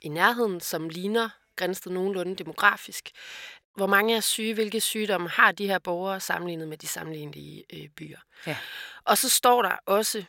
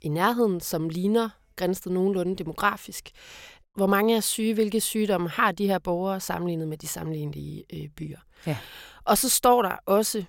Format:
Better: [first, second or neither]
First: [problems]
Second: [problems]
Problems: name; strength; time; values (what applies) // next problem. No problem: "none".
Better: second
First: thin; very slightly; fading below 700 Hz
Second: none